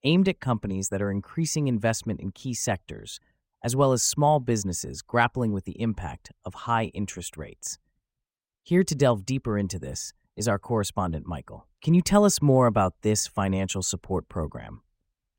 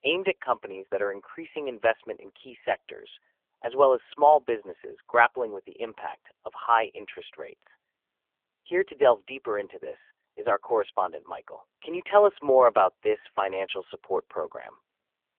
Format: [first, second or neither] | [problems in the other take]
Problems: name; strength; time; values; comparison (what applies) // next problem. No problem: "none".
first | phone-call audio; poor line; nothing above 3 kHz